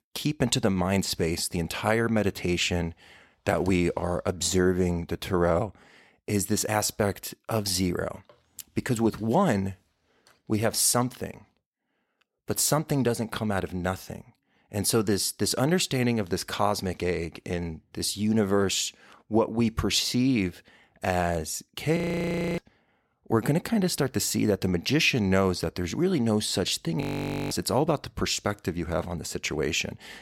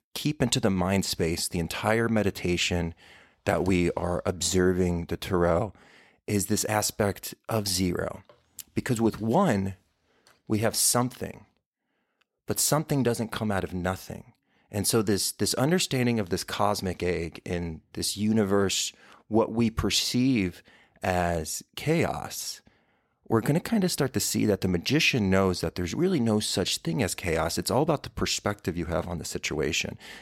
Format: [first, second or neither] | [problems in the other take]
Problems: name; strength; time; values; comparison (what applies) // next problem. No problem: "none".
second | audio freezing; at 22 s for 0.5 s and at 27 s for 0.5 s